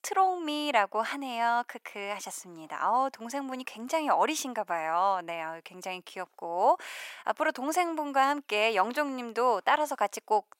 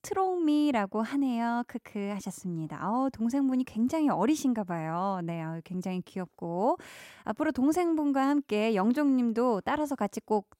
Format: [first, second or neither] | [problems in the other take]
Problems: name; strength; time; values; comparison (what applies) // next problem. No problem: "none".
second | thin; very; fading below 750 Hz